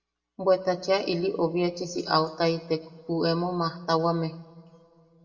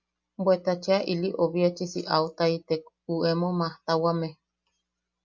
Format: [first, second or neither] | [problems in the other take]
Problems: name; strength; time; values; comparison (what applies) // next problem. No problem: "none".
second | room echo; dies away in 1 s